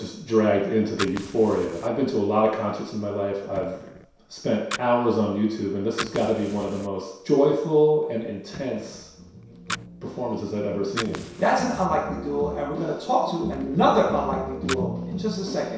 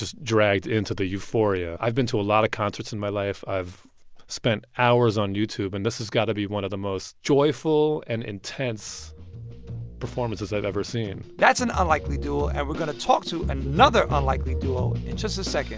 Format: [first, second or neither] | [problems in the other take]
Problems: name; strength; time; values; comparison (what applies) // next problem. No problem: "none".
second | background sound (Fire); 16 dB below the speech // room echo; dies away in 0.7 s